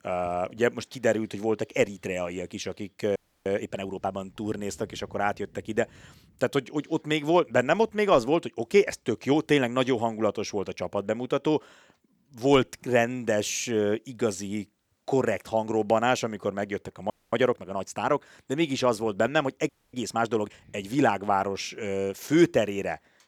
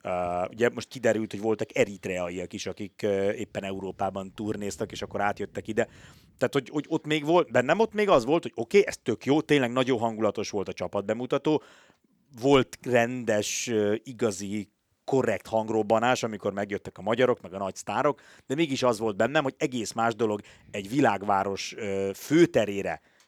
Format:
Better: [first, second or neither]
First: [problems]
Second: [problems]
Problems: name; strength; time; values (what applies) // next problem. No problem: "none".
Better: second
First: audio freezing; at 3 s, at 17 s and at 20 s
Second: none